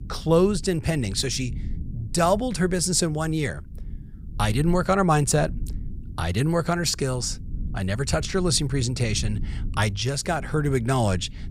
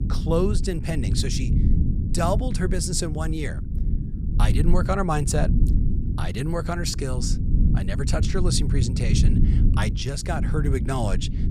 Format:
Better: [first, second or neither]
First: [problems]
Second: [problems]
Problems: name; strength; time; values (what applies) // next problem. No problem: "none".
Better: first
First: low rumble; faint; throughout; 25 dB below the speech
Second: low rumble; loud; throughout; 8 dB below the speech